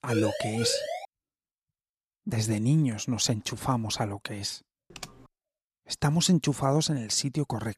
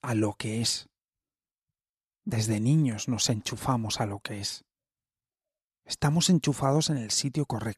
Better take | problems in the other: second | siren; noticeable; at the start; peak 4 dB below the speech // keyboard typing; faint; at 5 s; peak 15 dB below the speech

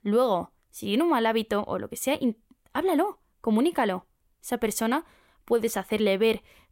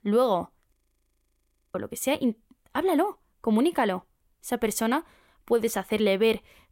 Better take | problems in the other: first | audio freezing; at 0.5 s for 1 s

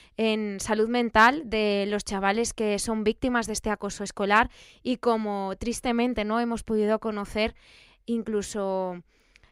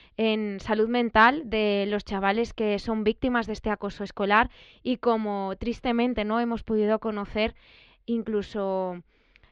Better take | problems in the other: first | muffled; slightly; fading above 4 kHz

